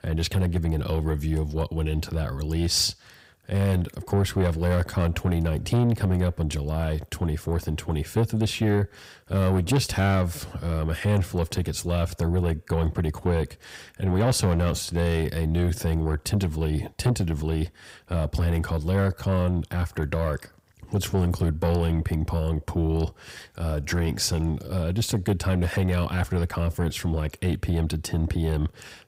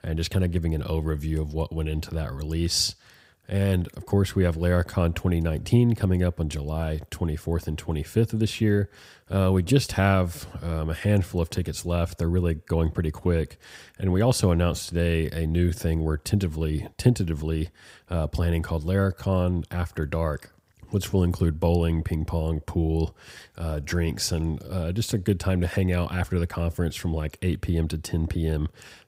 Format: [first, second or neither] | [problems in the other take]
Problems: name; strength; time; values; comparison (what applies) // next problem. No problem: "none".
second | distortion; slight; 10 dB below the speech